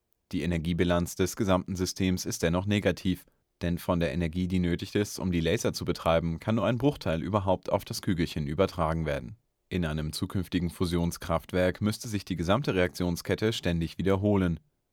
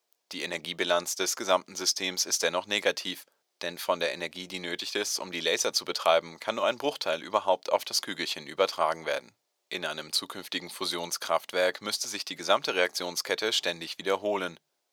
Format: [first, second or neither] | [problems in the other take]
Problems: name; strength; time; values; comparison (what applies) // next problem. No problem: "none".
first | thin; very; fading below 650 Hz